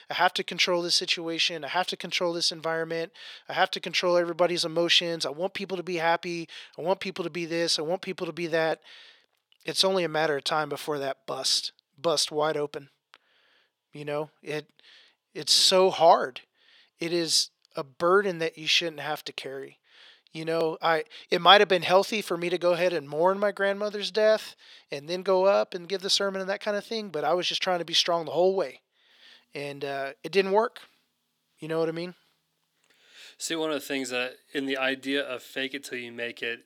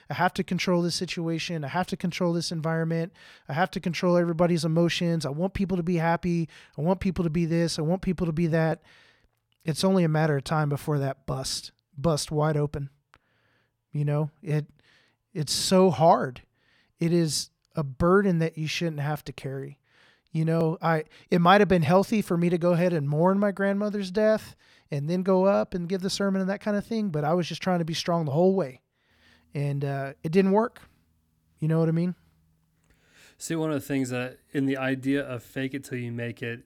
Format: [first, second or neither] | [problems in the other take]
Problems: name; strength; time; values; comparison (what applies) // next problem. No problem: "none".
second | thin; somewhat; fading below 450 Hz